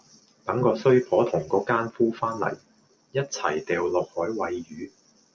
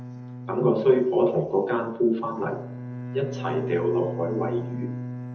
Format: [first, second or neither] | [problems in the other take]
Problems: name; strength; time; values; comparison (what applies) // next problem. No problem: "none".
first | background sound (Bowed string instrument); 10 dB below the speech // room echo; dies away in 0.9 s